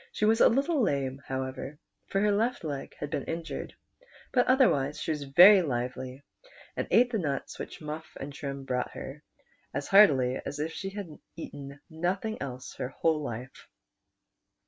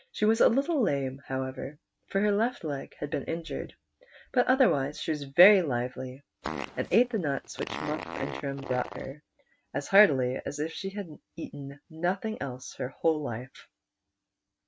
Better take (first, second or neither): first